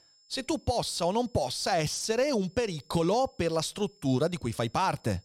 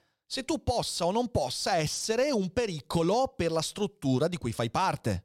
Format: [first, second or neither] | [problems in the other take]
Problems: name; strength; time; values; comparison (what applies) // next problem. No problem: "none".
second | high-pitched whine; faint; throughout; 5 kHz, 30 dB below the speech